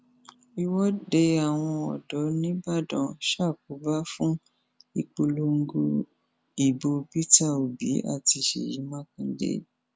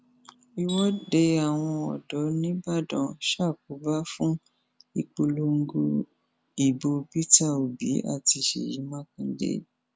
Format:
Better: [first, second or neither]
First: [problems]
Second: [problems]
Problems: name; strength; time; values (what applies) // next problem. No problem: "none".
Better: first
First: none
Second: background sound (Tools); 13 dB below the speech